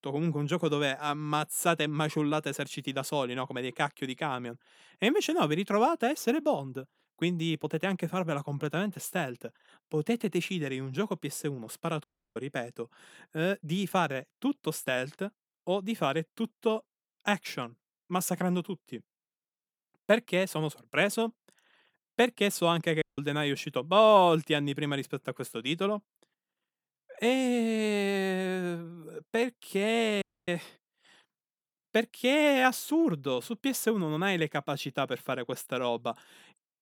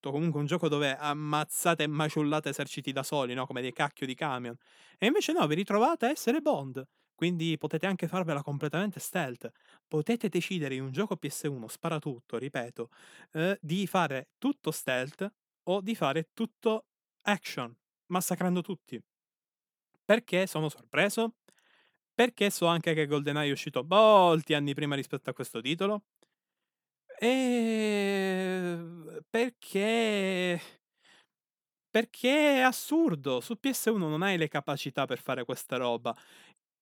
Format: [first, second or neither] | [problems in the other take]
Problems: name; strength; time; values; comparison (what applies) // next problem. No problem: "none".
second | audio cutting out; at 12 s, at 23 s and at 30 s